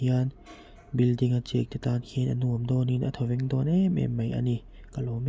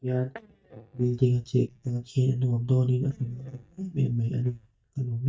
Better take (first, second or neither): first